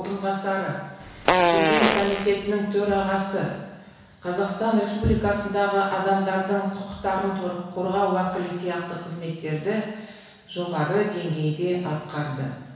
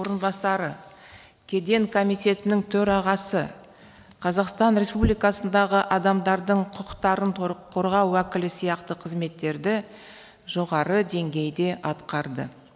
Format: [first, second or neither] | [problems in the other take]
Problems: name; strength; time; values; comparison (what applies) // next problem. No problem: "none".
second | background sound (Fart); 3 dB above the speech // room echo; dies away in 1.1 s